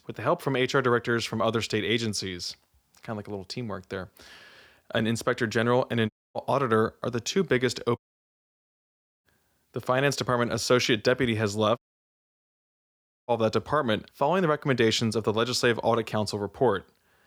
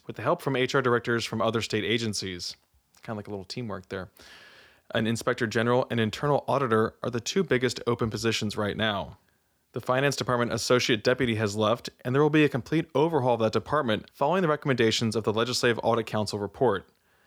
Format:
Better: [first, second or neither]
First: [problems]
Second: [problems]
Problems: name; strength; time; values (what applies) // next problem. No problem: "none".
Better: second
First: audio cutting out; at 6 s, at 8 s for 1.5 s and at 12 s for 1.5 s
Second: none